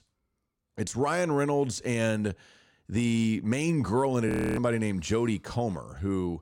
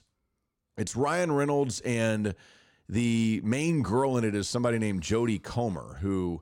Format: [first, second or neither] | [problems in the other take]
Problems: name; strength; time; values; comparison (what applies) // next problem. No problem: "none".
second | audio freezing; at 4.5 s